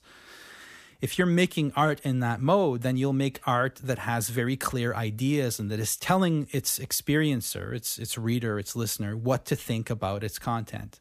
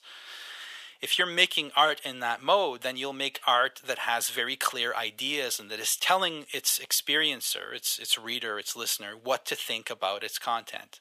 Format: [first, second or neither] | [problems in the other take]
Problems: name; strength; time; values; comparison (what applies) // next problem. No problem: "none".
first | thin; very; fading below 700 Hz